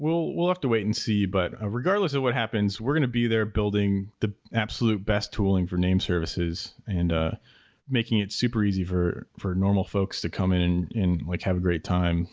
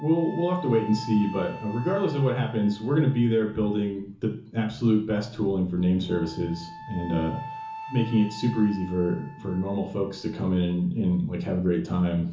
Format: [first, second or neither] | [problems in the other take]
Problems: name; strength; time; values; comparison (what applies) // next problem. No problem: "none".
first | background sound (Wind instrument, woodwind instrument); 17 dB below the speech // room echo; dies away in 0.7 s